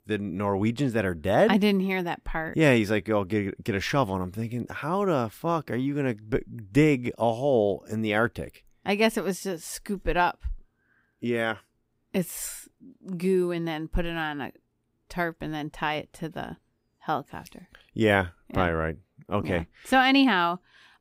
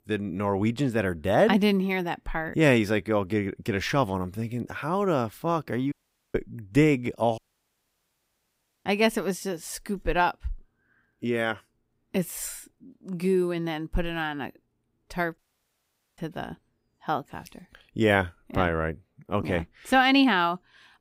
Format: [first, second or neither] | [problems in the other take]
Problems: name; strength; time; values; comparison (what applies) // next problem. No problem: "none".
first | audio cutting out; at 6 s, at 7.5 s for 1.5 s and at 15 s for 1 s